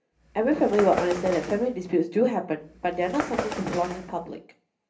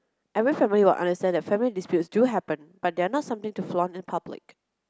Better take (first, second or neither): second